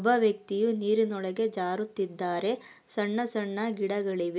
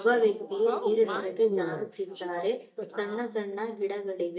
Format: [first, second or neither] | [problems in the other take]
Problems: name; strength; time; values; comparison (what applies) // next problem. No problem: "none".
first | noise reduction (neural mask model DeepFilterNet 3)